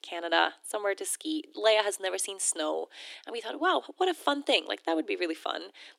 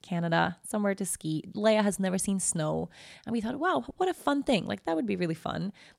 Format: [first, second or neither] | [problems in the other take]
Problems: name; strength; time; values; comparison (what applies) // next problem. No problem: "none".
second | thin; very; fading below 300 Hz